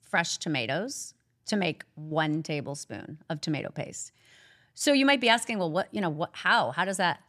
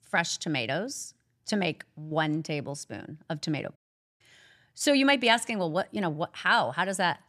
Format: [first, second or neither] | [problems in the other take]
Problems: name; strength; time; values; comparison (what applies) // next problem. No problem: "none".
first | audio cutting out; at 4 s